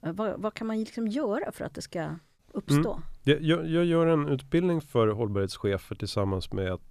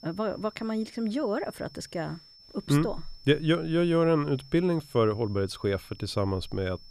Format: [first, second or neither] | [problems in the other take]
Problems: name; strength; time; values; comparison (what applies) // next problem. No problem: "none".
first | high-pitched whine; faint; throughout; 5.5 kHz, 25 dB below the speech